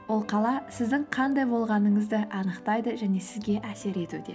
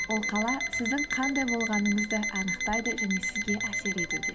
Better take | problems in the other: first | background sound (Alarm); 1 dB below the speech

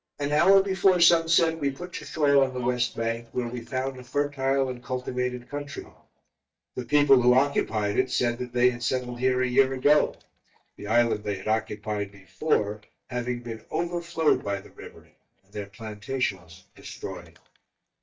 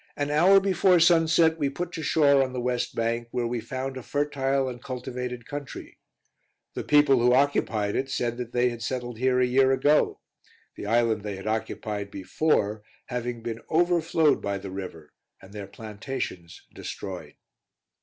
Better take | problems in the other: second | noise reduction (neural mask model DeepFilterNet 3)

